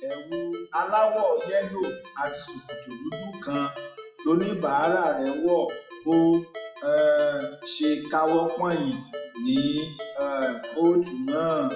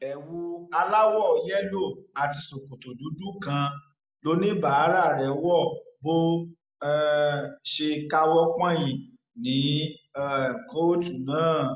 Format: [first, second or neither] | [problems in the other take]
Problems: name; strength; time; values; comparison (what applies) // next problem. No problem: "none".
second | noise reduction (classical method WPE with log-MMSE)